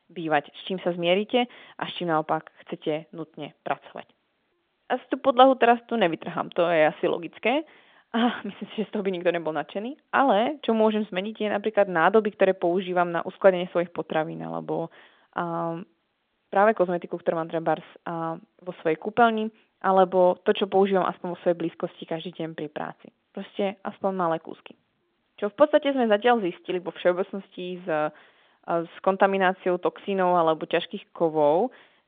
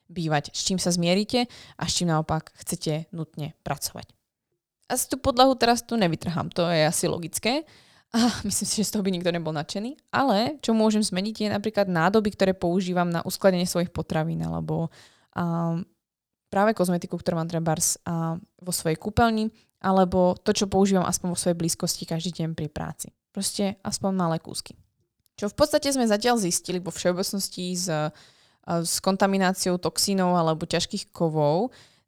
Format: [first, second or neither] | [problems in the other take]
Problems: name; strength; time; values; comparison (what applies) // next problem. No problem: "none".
second | phone-call audio